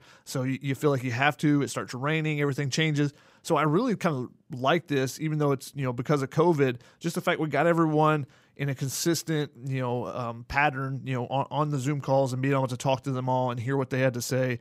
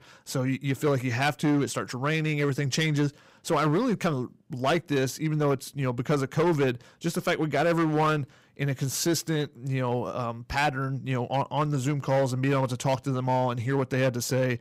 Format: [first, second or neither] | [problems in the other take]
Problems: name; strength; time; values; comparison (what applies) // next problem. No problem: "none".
first | distortion; slight; 8% of the sound clipped